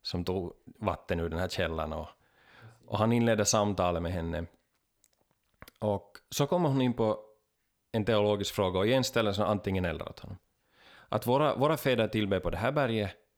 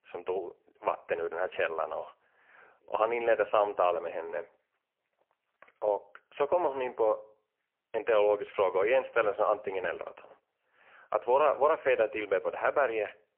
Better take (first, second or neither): first